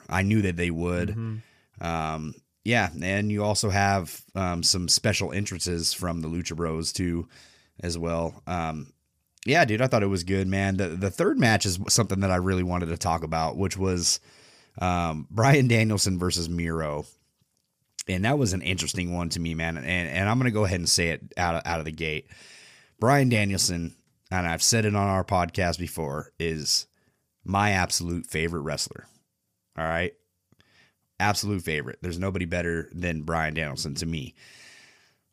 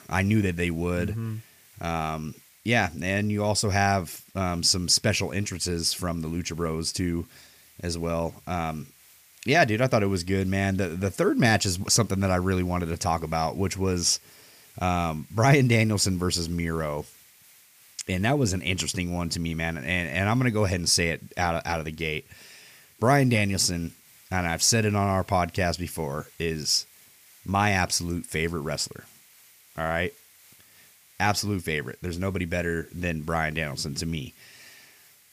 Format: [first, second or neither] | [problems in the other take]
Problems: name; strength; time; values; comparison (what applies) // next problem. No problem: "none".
first | hiss; faint; throughout; 25 dB below the speech